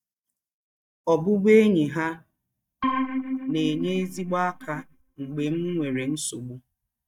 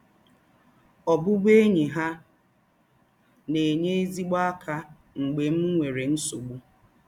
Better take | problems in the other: second | noise reduction (neural mask model DeepFilterNet 3)

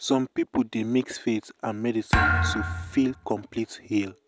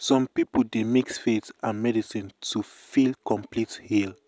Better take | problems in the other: second | background sound (Thump, thud); 1 dB above the speech

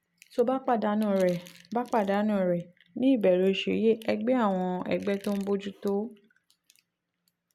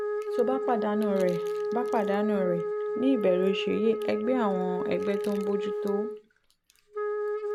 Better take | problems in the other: first | background sound (Wind instrument, woodwind instrument); 1 dB below the speech

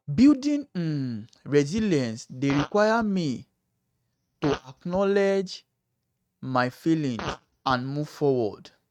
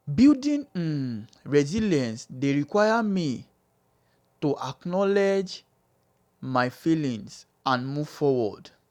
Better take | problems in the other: second | noise reduction (neural mask model RNNoise)

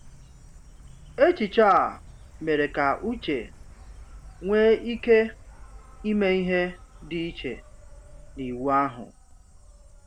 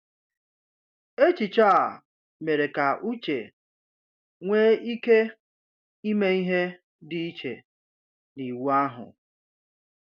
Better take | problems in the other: second | background sound (Insect); 19 dB below the speech

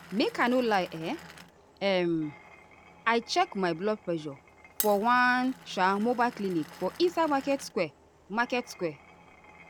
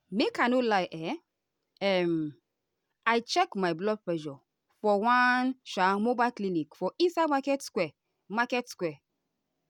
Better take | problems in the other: second | background sound (Glass); 17 dB below the speech

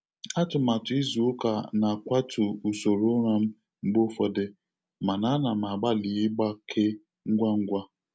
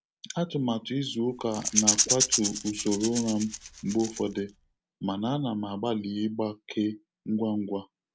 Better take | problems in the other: first | background sound (Rattle / Rattle (instrument)); as loud as the speech

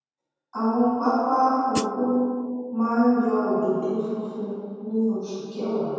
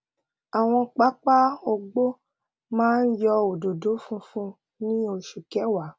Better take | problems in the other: second | background sound (Hi-hat); 7 dB below the speech // room echo; dies away in 2 s

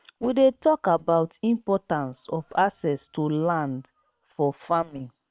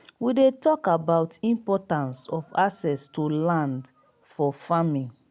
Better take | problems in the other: second | noise reduction (neural separator model SepFormer WHAM!)

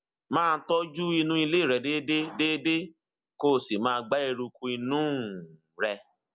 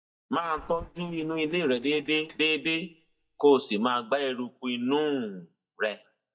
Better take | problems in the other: first | noise reduction (neural mask model DeepFilterNet 3)

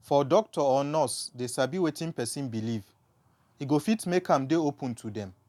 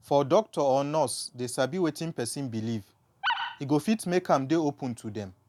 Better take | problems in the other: first | background sound (Animal); 4 dB below the speech

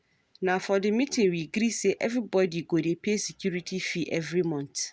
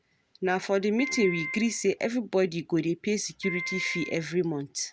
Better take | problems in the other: first | background sound (Piano); 7 dB below the speech

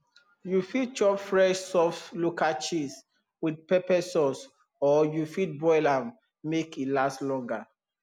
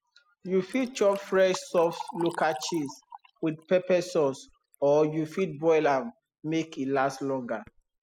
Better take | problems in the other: first | noise reduction (classical method spectral subtraction)

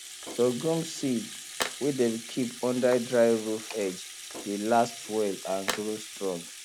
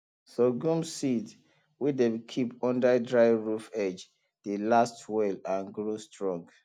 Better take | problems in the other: second | background sound (Tools + Rattle (instrument)); 11 dB below the speech

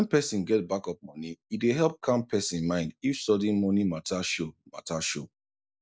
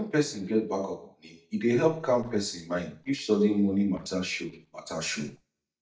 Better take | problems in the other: first | noise reduction (neural mask model DeepFilterNet 3)

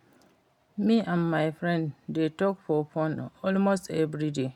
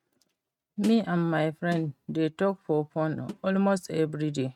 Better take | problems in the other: first | noise reduction (neural mask model RNNoise)

